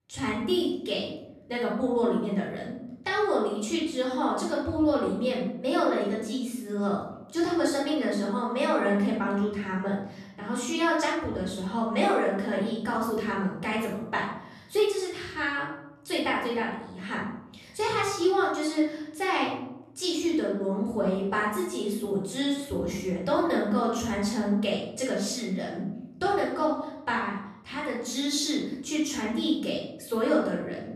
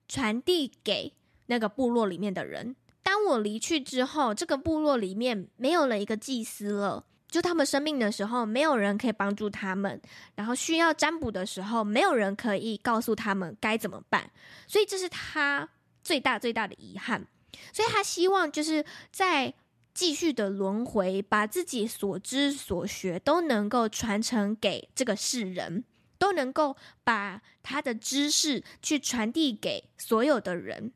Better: second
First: off-mic speech; far // room echo; noticeable; dies away in 0.9 s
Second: none

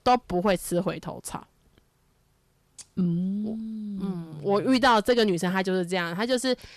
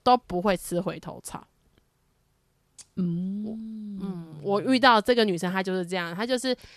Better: second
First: distortion; slight; 10 dB below the speech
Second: none

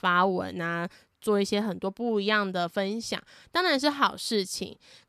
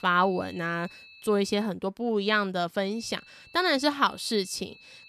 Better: first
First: none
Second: high-pitched whine; faint; until 1.5 s and from 3 s on; 2.5 kHz, 20 dB below the speech

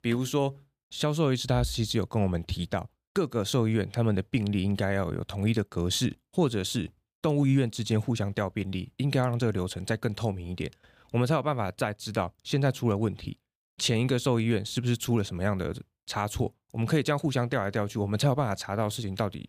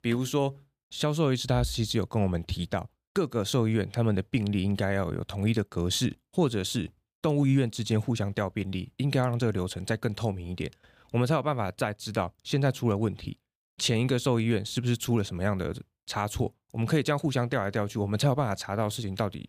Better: neither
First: none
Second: none

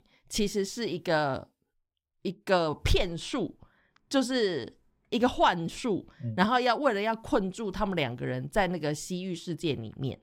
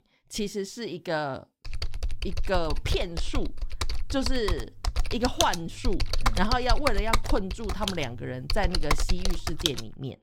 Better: first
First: none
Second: keyboard typing; loud; from 1.5 s on; peak 4 dB above the speech

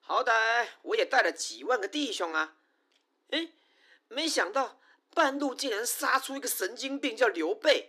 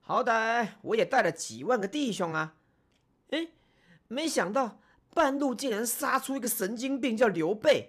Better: second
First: thin; very slightly; fading below 300 Hz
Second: none

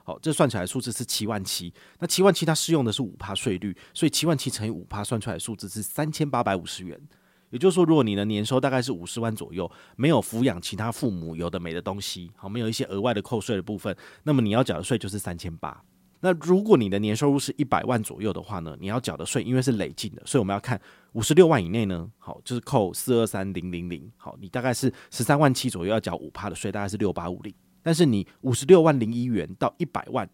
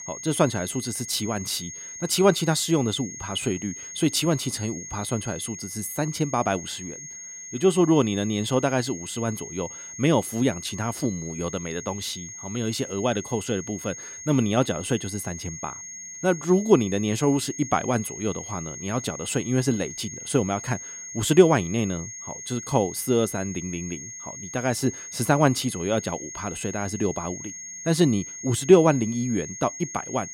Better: first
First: none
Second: high-pitched whine; noticeable; throughout; 6.5 kHz, 10 dB below the speech

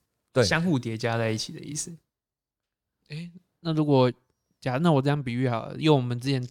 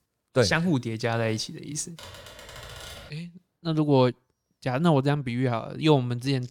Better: first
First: none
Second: keyboard typing; faint; from 2 to 3 s; peak 15 dB below the speech

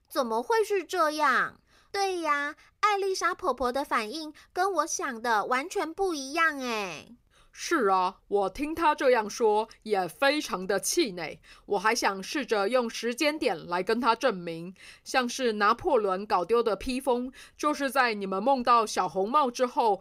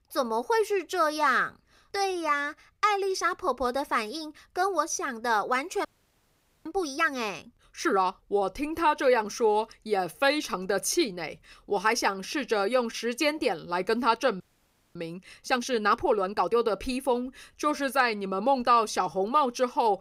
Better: first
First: none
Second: audio freezing; at 6 s for 1 s and at 14 s for 0.5 s

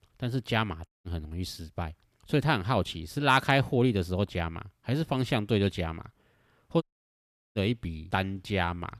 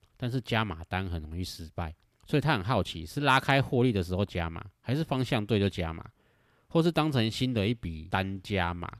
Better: second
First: audio cutting out; at 1 s and at 7 s for 0.5 s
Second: none

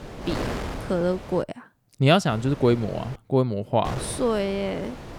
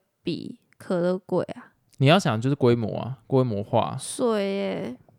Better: second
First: wind noise on the microphone; occasional gusts; until 1.5 s, at 2.5 s and from 4 s on; 10 dB below the speech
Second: none

